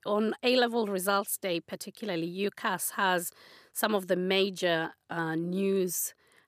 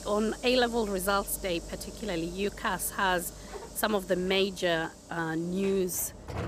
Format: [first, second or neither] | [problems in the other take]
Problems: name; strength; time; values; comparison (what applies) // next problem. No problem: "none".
first | hiss; noticeable; throughout; 15 dB below the speech